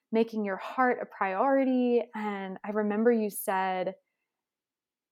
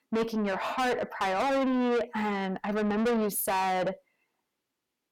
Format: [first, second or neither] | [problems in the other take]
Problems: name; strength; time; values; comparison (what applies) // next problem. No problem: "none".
first | distortion; heavy; 6 dB below the speech